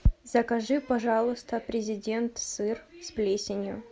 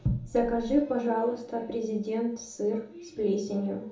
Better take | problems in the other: first | room echo; dies away in 0.9 s

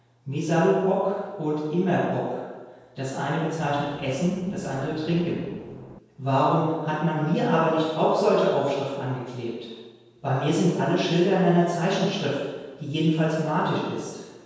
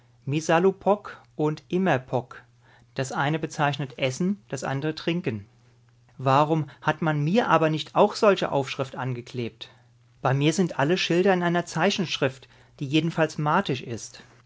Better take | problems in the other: second | background sound (Engine / Boat, Water vehicle); 19 dB below the speech // room echo; dies away in 1.2 s

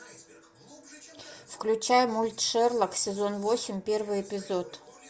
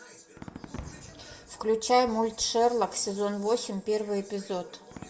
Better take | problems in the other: first | background sound (Fireworks); 20 dB below the speech // room echo; dies away in 2 s

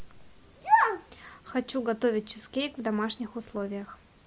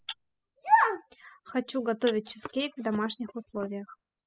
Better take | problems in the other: first | noise reduction (classical method spectral subtraction)

